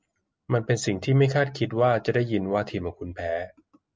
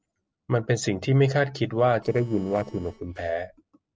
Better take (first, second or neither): first